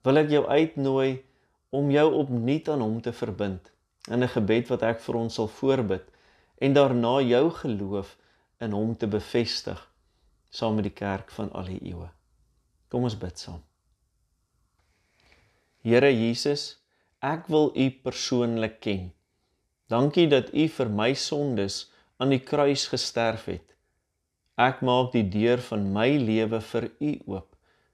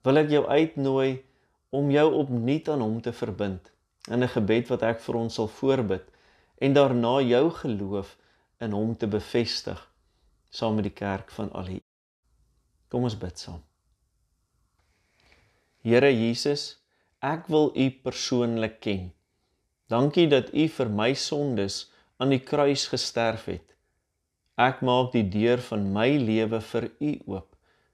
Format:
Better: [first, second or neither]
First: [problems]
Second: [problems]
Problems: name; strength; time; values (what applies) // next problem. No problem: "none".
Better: first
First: none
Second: audio cutting out; at 12 s